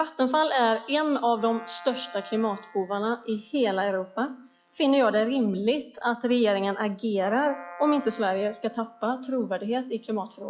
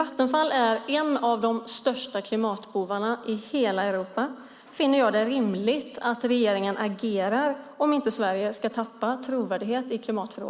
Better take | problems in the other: second | noise reduction (classical method log-MMSE)

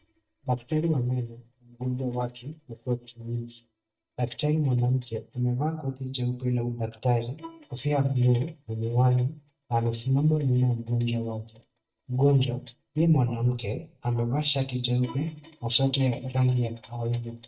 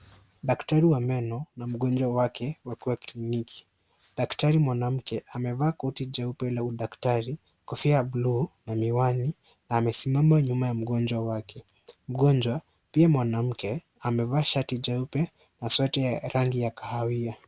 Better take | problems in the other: second | noise reduction (neural mask model DeepFilterNet 3)

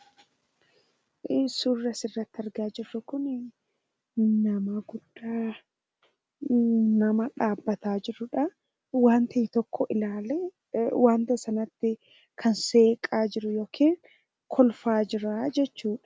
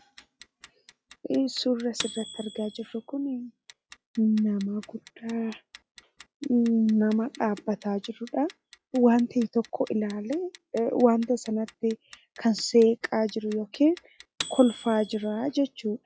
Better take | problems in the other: first | noise reduction (classical method log-MMSE)

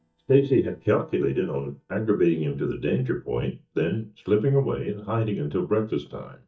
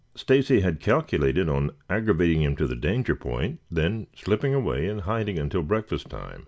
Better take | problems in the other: second | noise reduction (neural mask model DeepFilterNet 3)

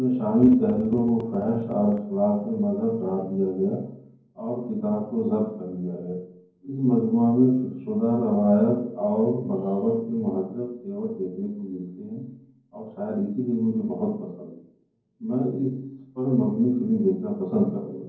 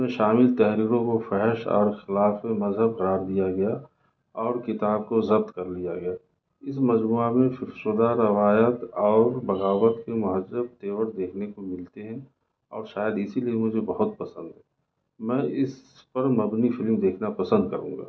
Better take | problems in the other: second | noise reduction (neural separator model SepFormer DNS4)

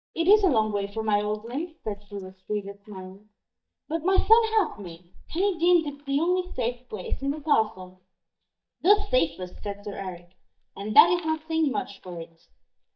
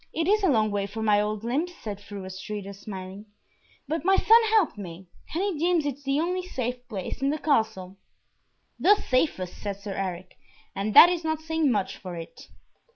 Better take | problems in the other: second | noise reduction (neural mask model DeepFilterNet 3)

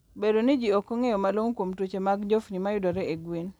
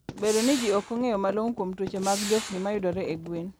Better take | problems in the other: first | background sound (Gunshot, gunfire); 11 dB below the speech

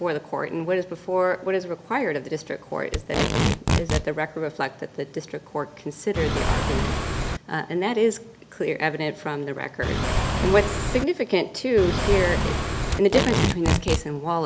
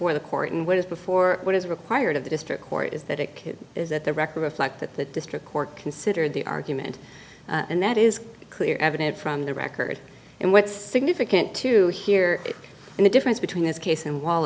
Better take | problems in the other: second | background sound (Engine / Car + Packing tape, duct tape); 2 dB above the speech

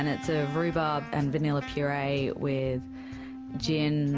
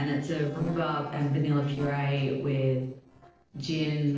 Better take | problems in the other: first | noise reduction (neural separator model SepFormer DNS4)

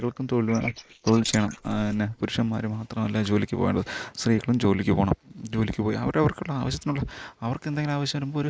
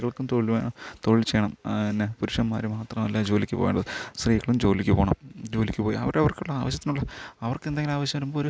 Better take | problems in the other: second | noise reduction (neural mask model Resemble Enhance denoiser)

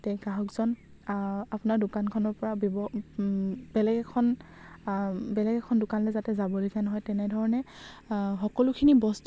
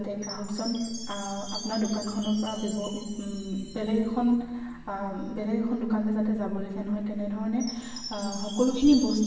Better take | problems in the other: first | background sound (Chime); 15 dB below the speech // room echo; dies away in 1.1 s

